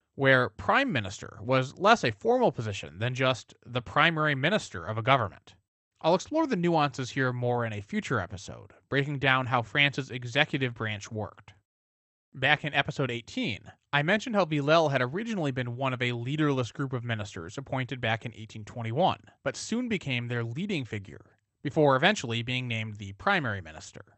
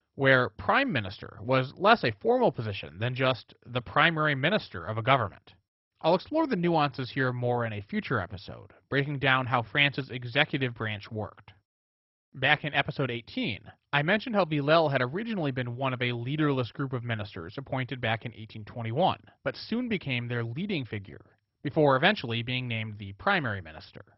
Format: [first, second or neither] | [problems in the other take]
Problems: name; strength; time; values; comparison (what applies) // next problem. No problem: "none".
first | garbled, watery; badly; nothing above 5.5 kHz; slightly in the first